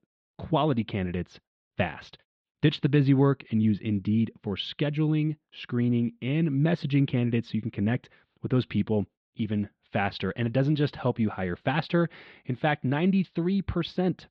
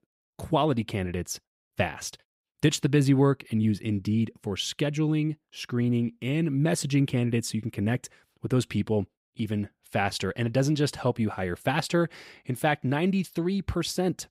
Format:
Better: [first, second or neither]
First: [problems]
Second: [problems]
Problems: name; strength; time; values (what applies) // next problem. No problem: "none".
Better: second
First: muffled; slightly; fading above 4 kHz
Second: none